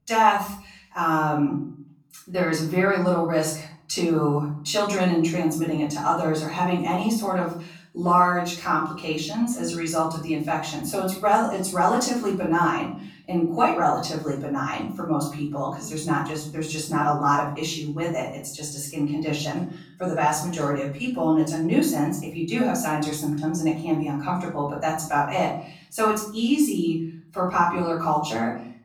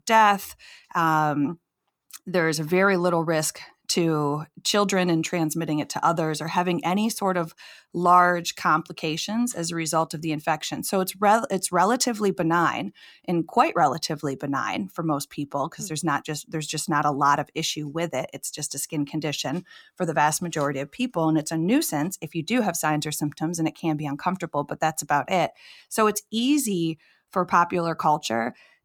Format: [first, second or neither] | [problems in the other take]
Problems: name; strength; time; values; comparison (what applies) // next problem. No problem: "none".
second | off-mic speech; far // room echo; noticeable; dies away in 0.6 s